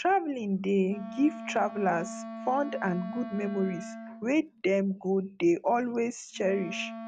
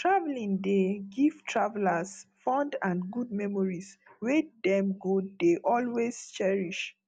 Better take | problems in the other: second | background sound (Wind instrument, woodwind instrument); 13 dB below the speech

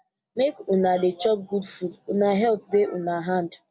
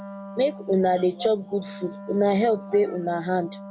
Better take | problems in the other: first | background sound (Wind instrument, woodwind instrument); 15 dB below the speech

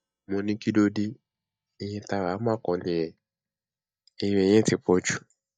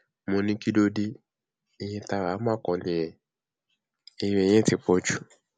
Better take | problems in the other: second | noise reduction (neural mask model DeepFilterNet 3)

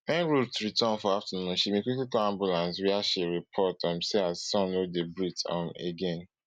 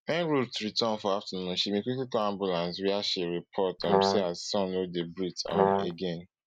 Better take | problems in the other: first | background sound (Brass instrument); 4 dB above the speech

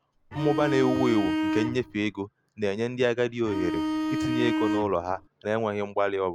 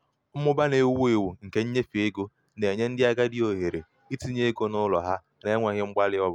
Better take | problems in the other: second | background sound (Bowed string instrument); 1 dB below the speech

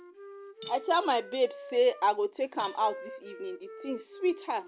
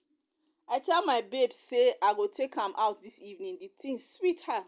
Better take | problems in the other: second | background sound (Cutlery, silverware / Dishes, pots, and pans + Wind instrument, woodwind instrument); 15 dB below the speech

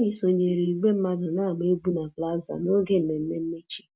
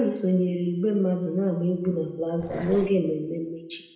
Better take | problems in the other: first | background sound (Growling); 15 dB below the speech // room echo; dies away in 0.8 s

